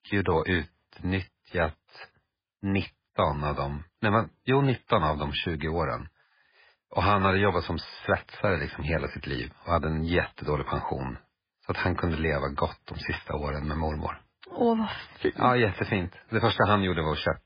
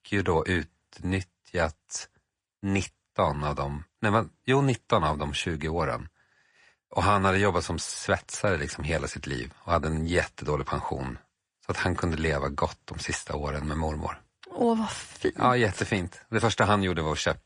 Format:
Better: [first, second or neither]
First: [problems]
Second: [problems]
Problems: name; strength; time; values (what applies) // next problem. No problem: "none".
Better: second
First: garbled, watery; badly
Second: garbled, watery; slightly; nothing above 10 kHz